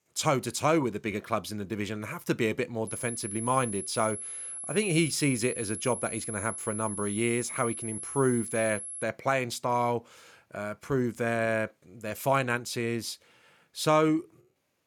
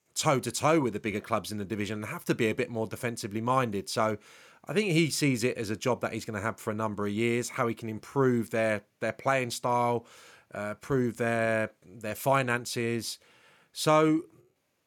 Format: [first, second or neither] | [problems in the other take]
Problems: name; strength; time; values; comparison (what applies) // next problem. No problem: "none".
second | high-pitched whine; loud; from 3 to 9 s; 11 kHz, 6 dB below the speech